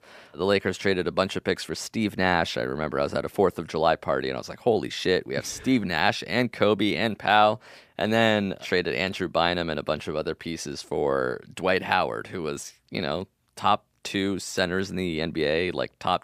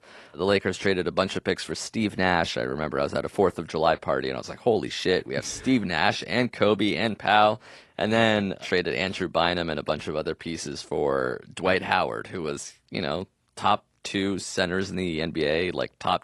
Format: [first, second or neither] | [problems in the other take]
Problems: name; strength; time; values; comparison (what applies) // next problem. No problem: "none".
first | garbled, watery; slightly